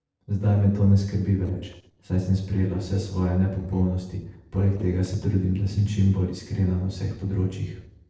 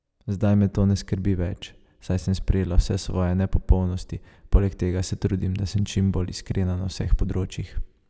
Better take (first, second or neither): second